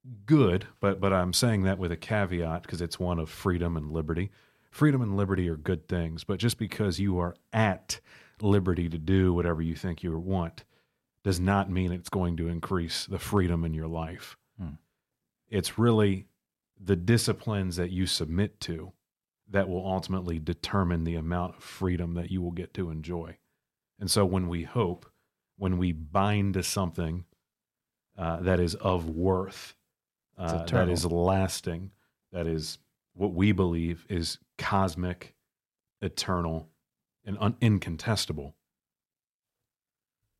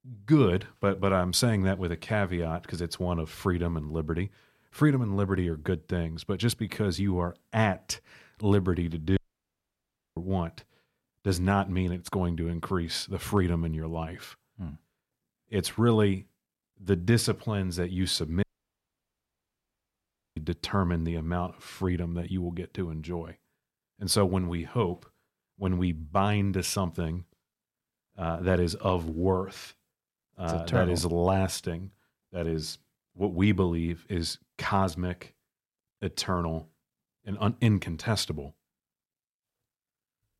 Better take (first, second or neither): first